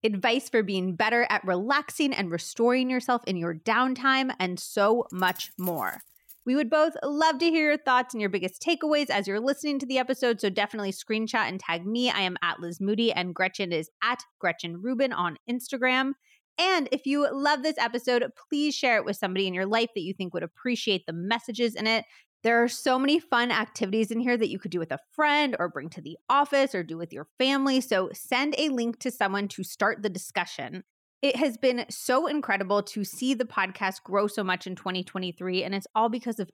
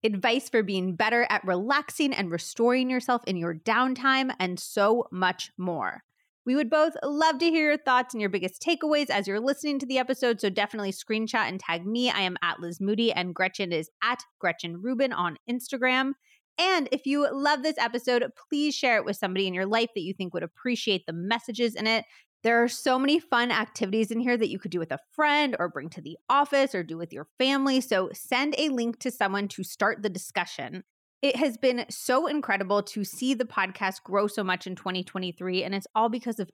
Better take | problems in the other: second | jangling keys; faint; from 5 to 6.5 s; peak 10 dB below the speech

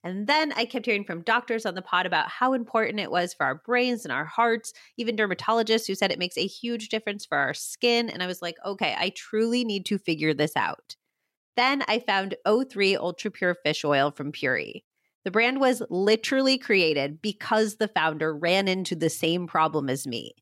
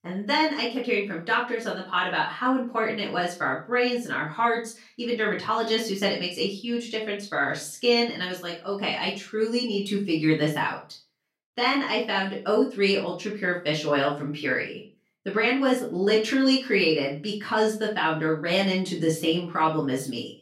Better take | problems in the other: first | off-mic speech; far // room echo; slight; dies away in 0.3 s

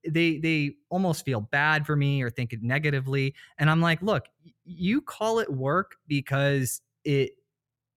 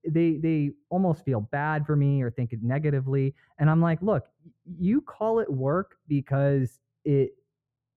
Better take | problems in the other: first | muffled; very; fading above 2 kHz

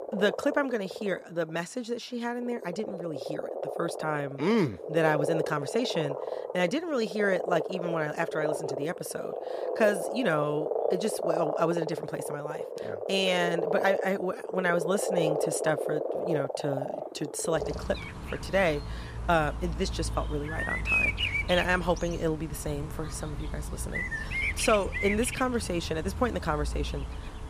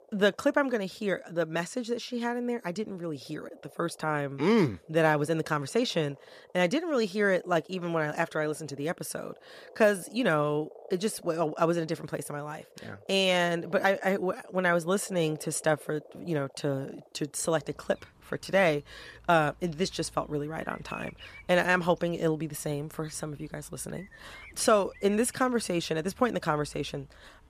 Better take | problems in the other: second | animal sounds; loud; throughout; 3 dB below the speech; faint in the second

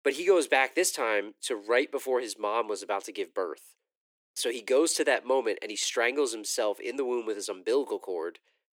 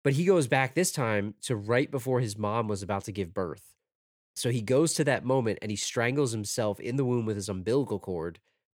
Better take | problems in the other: second | thin; very; fading below 300 Hz

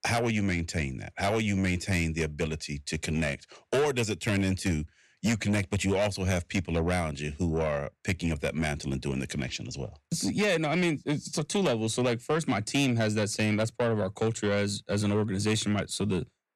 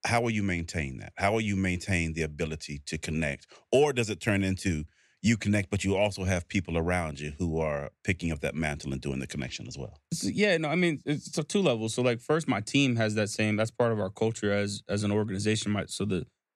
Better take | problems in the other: second | distortion; slight; 10 dB below the speech

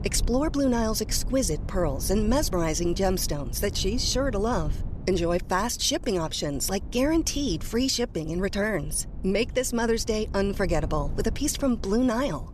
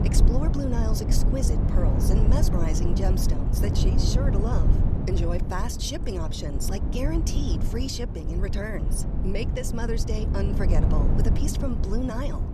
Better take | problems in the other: first | low rumble; loud; throughout; 3 dB below the speech; faint in the first

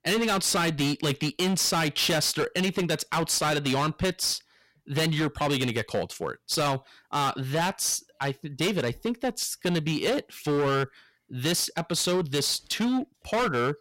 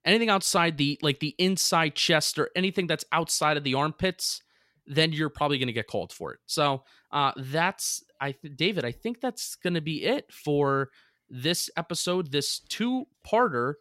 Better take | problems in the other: second | distortion; heavy; 18% of the sound clipped

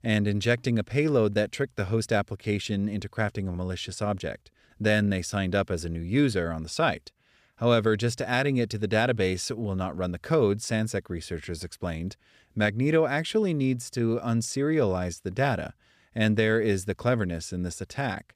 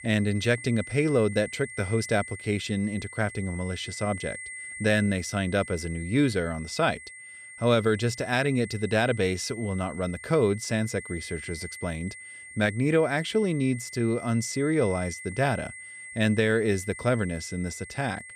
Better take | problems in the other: first | high-pitched whine; noticeable; throughout; 2 kHz, 15 dB below the speech

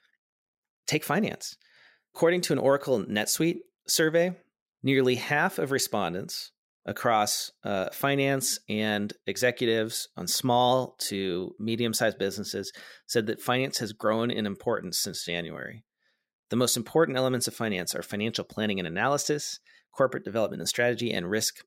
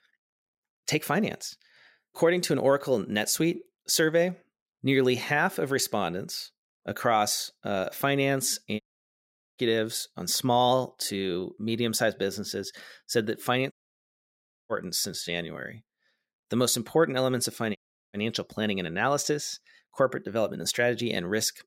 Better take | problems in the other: first | audio cutting out; at 9 s for 1 s, at 14 s for 1 s and at 18 s

